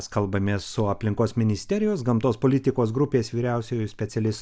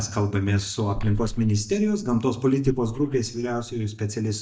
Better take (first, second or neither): first